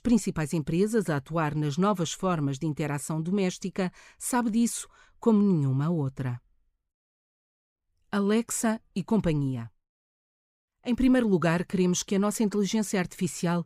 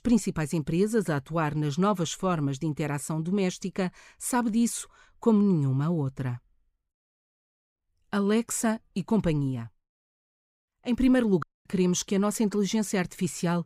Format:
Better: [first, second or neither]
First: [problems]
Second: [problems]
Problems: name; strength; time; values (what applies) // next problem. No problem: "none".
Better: first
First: none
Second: audio cutting out; at 11 s